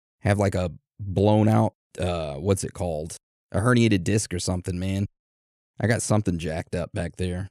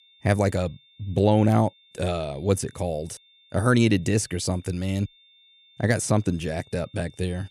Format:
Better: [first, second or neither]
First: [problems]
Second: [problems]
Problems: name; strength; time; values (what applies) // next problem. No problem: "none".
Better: first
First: none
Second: high-pitched whine; faint; throughout; 3.5 kHz, 30 dB below the speech